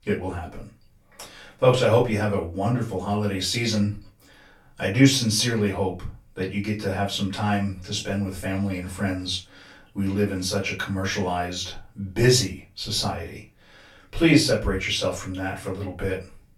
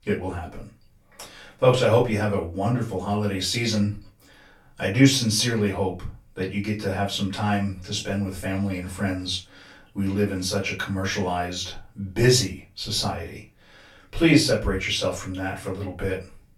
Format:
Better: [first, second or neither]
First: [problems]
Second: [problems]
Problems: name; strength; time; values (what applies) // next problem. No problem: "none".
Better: neither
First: off-mic speech; far // room echo; slight; dies away in 0.3 s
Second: off-mic speech; far // room echo; slight; dies away in 0.3 s